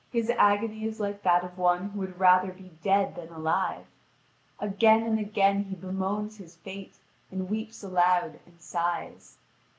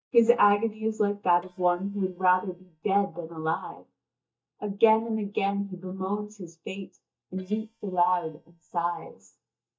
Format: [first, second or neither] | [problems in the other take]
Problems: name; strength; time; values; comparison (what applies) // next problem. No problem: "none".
first | noise reduction (neural mask model DeepFilterNet 3)